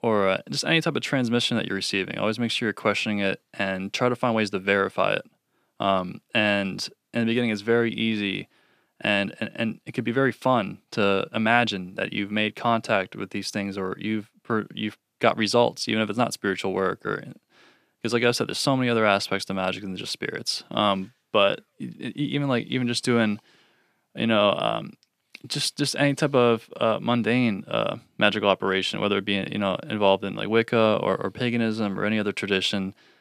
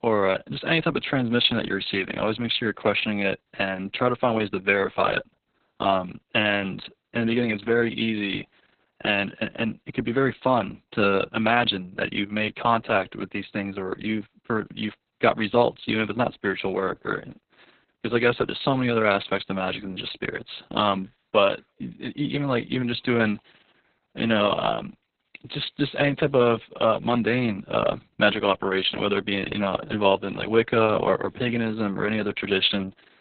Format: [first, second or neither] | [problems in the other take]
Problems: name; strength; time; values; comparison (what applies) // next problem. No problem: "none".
first | garbled, watery; badly; nothing above 4 kHz